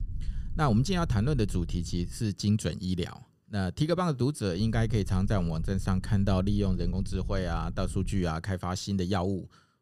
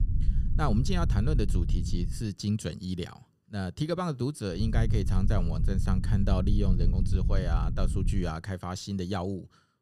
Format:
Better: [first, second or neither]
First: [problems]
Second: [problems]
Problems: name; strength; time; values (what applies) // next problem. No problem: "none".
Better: first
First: low rumble; faint; until 2 s and from 4.5 to 8 s; 20 dB below the speech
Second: low rumble; loud; until 2 s and from 4.5 to 8 s; 9 dB below the speech